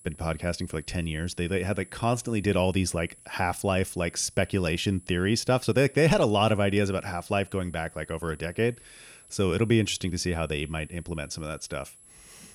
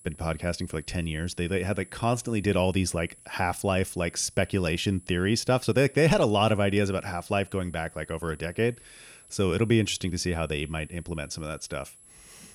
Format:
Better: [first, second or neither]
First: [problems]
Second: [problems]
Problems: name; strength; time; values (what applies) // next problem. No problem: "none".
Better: neither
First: high-pitched whine; faint; throughout; 10.5 kHz, 25 dB below the speech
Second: high-pitched whine; faint; throughout; 10.5 kHz, 25 dB below the speech